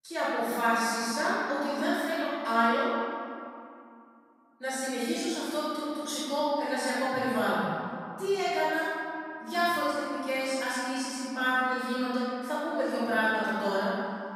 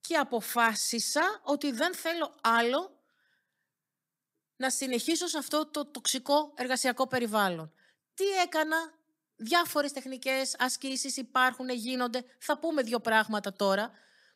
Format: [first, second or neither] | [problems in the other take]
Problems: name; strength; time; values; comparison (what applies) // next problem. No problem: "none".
second | room echo; strong; dies away in 2.5 s // off-mic speech; far